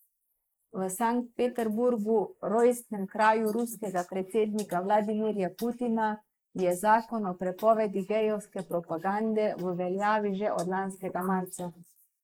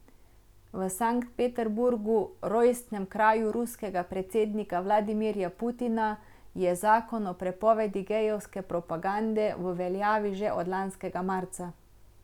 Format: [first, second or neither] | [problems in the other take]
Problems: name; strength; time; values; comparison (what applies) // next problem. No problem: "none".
second | noise reduction (neural mask model Resemble Enhance denoiser)